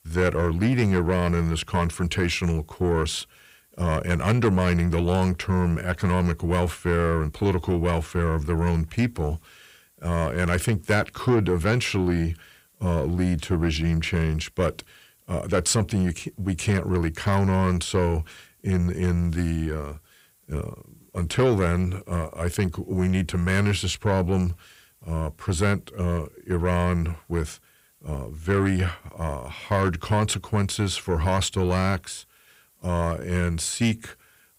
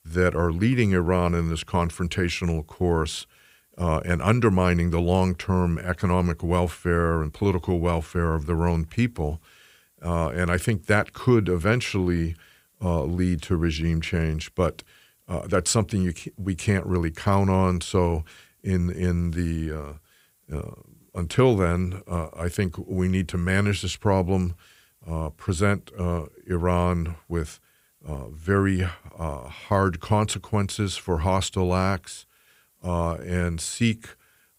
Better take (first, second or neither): second